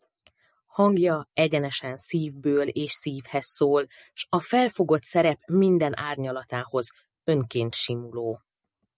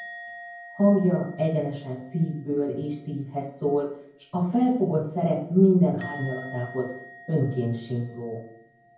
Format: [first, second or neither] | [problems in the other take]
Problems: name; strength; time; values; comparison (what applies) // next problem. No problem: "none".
first | background sound (Musical instrument); 20 dB below the speech // room echo; dies away in 0.9 s